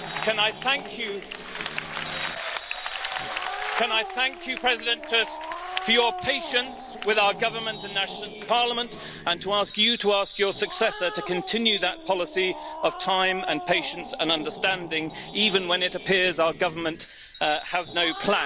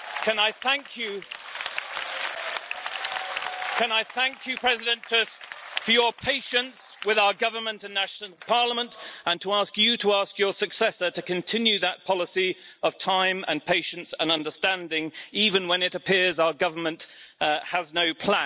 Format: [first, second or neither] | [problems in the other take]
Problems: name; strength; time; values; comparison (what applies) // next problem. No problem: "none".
second | background sound (Growling + Wind chime); 12 dB below the speech